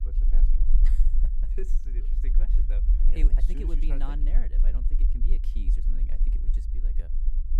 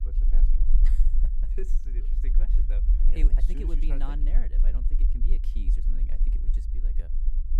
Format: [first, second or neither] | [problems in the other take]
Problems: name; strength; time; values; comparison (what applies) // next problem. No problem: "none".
neither | low rumble; loud; throughout; 5 dB below the speech; the same in both